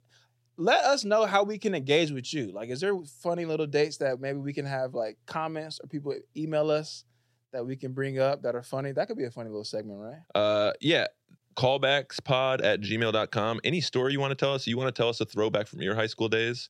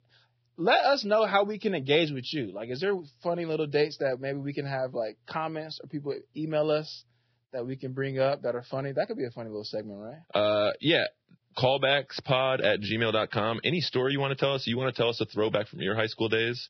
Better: first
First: none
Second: garbled, watery; badly; nothing above 5.5 kHz

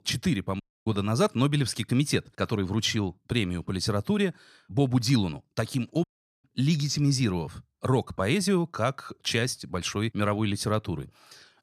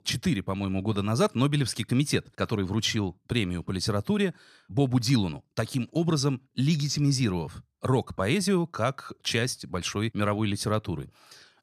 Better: second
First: audio cutting out; at 0.5 s and at 6 s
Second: none

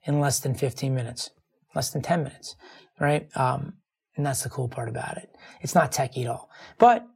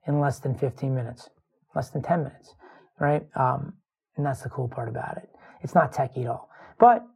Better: first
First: none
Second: muffled; very; fading above 2 kHz

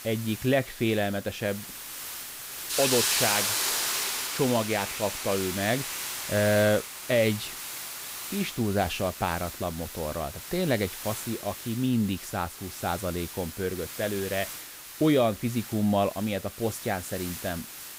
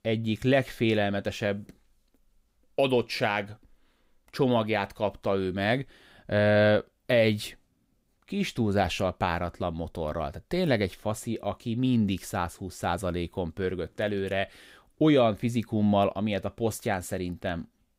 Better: second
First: hiss; loud; throughout; 4 dB below the speech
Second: none

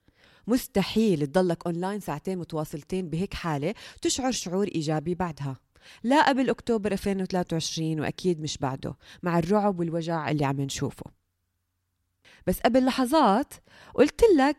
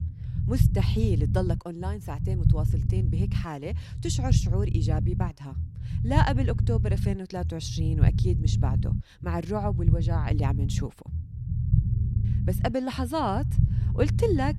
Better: first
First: none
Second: low rumble; loud; throughout; 7 dB below the speech

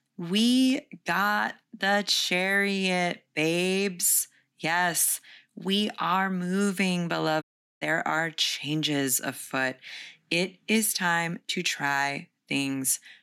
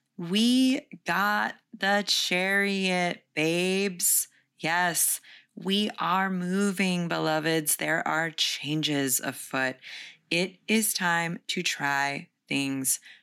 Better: second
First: audio cutting out; at 7.5 s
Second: none

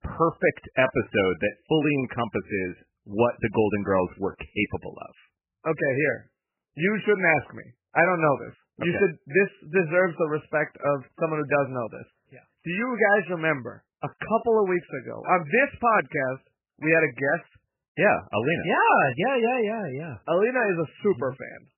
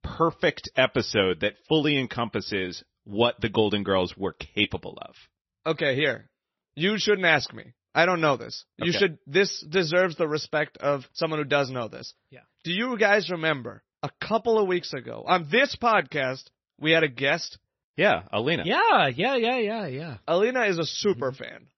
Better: second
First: garbled, watery; badly; nothing above 3 kHz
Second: garbled, watery; slightly; nothing above 6 kHz

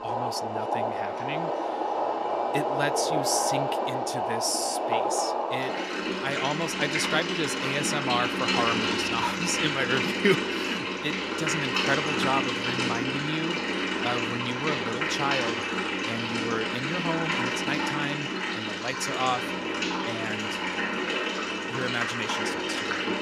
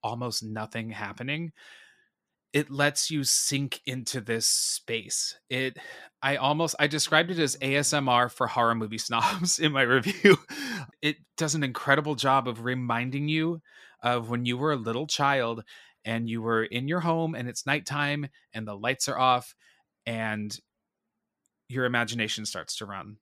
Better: second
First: household noises; very loud; throughout; 3 dB above the speech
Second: none

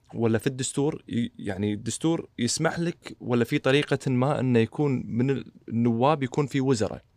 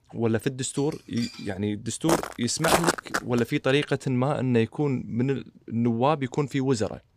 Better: first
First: none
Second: clattering dishes; faint; at 1 s; peak 15 dB below the speech // footsteps; loud; from 2 to 3.5 s; peak 4 dB above the speech

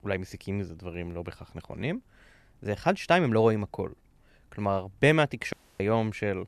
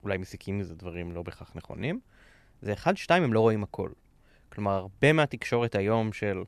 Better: second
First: audio cutting out; at 5.5 s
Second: none

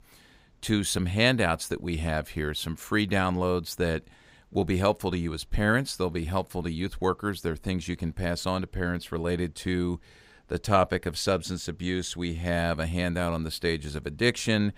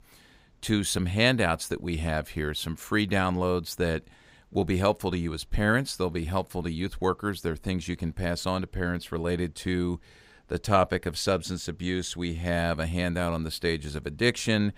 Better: neither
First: none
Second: none

